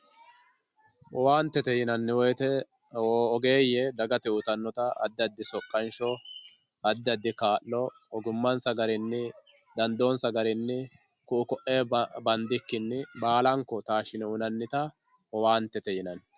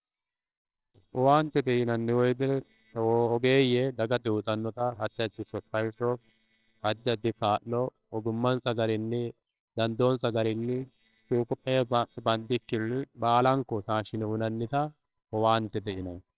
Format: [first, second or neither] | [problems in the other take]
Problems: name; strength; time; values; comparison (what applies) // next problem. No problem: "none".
first | noise reduction (neural separator model SepFormer WHAMR!)